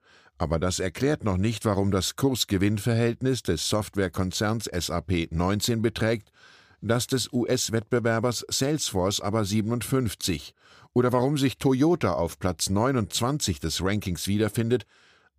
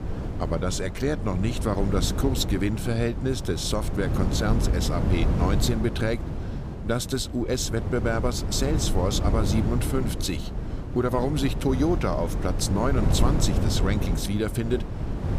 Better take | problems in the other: first | wind noise on the microphone; heavy; 7 dB below the speech

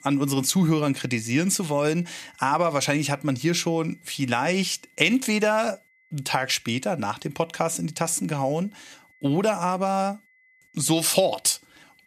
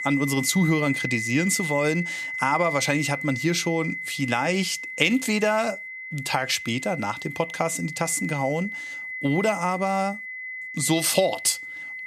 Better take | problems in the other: first | high-pitched whine; loud; throughout; 2 kHz, 6 dB below the speech; faint in the first

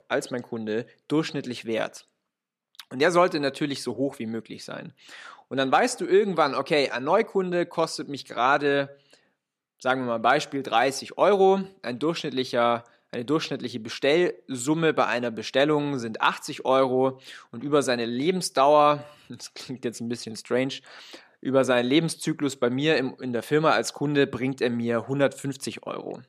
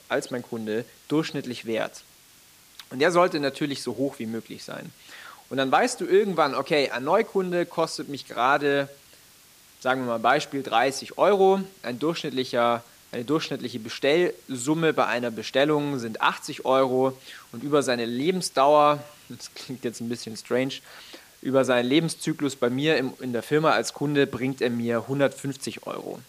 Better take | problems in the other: first | hiss; faint; throughout; 25 dB below the speech

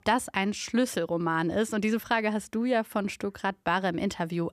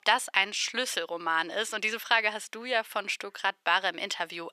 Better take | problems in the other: first | thin; very; fading below 600 Hz

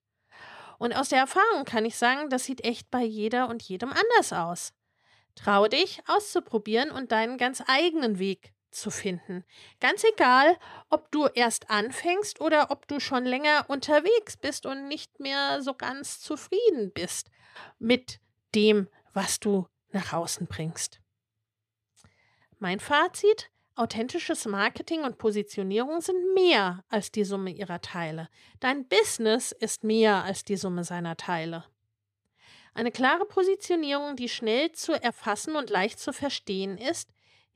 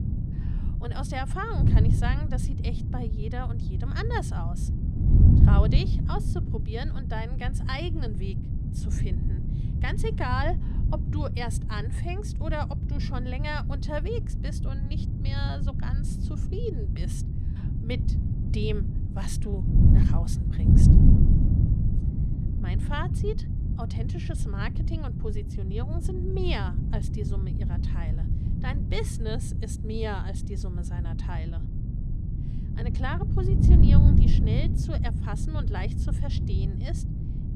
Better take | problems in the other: first | wind noise on the microphone; heavy; 2 dB below the speech

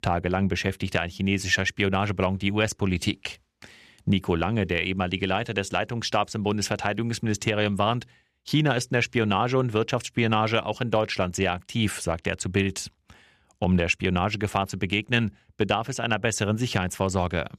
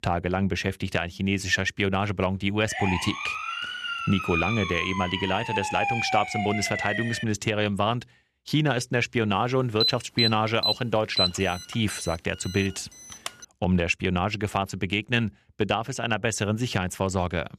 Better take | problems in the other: first | siren; loud; from 2.5 to 7 s; peak level with the speech // alarm; loud; from 10 to 13 s; peak 2 dB above the speech

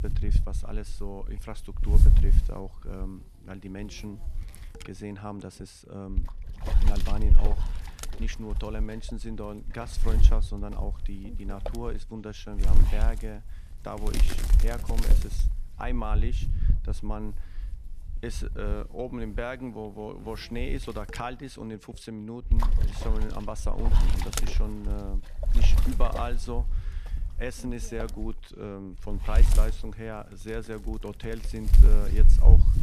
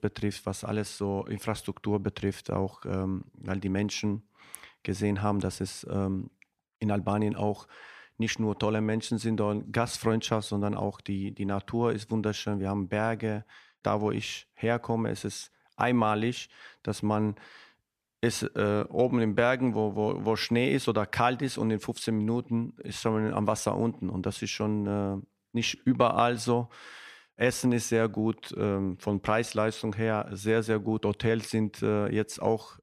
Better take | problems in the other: second | wind noise on the microphone; heavy; 4 dB below the speech

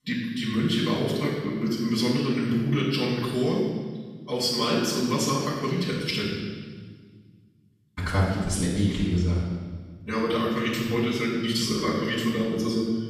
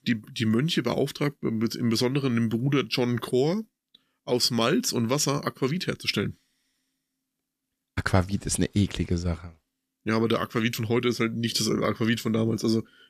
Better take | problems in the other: second | off-mic speech; far // room echo; strong; dies away in 1.4 s

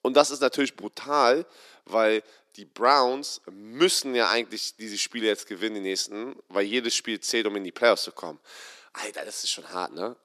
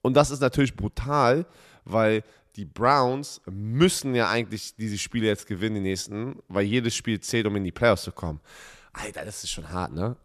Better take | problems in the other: second | thin; somewhat; fading below 300 Hz

